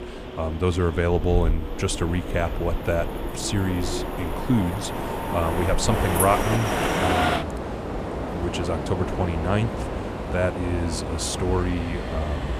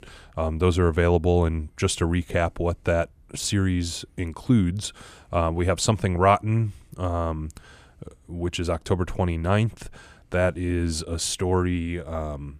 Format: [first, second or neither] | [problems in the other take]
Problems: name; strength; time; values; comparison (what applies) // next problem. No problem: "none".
second | train or aircraft noise; loud; throughout; 2 dB below the speech